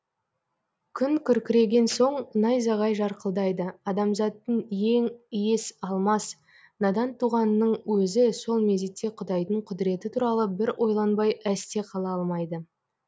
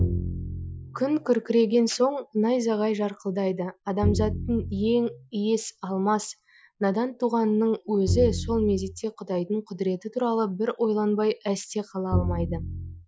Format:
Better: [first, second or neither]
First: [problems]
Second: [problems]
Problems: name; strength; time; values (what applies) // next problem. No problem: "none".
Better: first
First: none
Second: noise reduction (classical method Wiener filter)